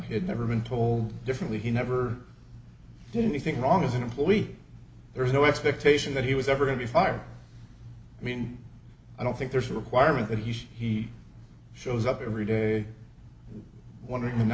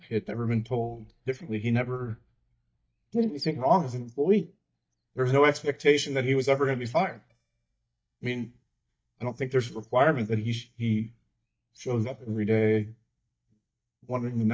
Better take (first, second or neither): first